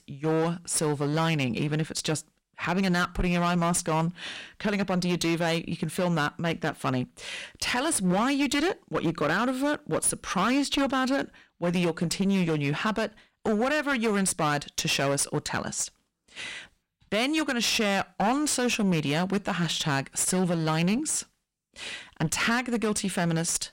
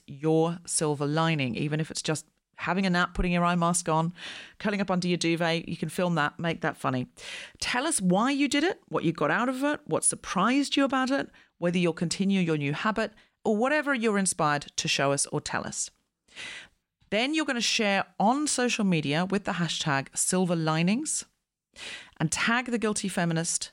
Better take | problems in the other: second | distortion; slight; 14% of the sound clipped

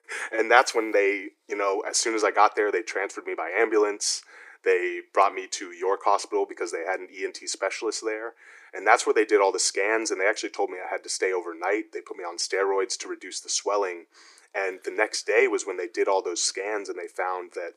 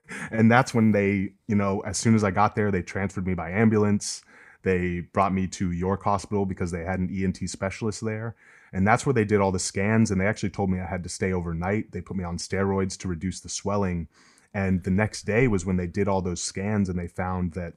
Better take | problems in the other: second | thin; very; fading below 300 Hz

